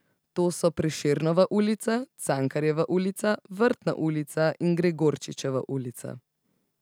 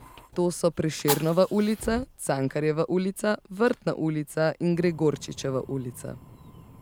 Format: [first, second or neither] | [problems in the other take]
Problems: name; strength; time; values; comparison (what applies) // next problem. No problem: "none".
first | background sound (Fire); 15 dB below the speech